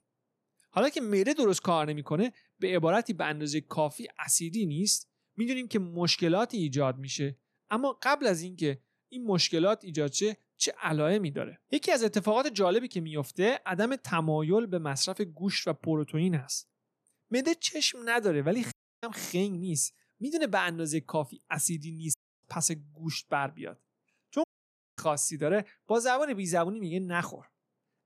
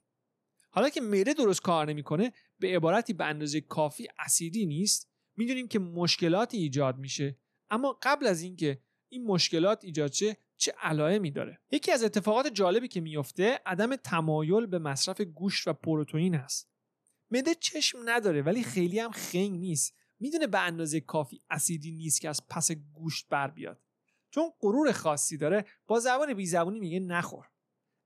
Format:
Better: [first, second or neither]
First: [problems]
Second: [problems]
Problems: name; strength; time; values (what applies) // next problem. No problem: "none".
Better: second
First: audio cutting out; at 19 s, at 22 s and at 24 s for 0.5 s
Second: none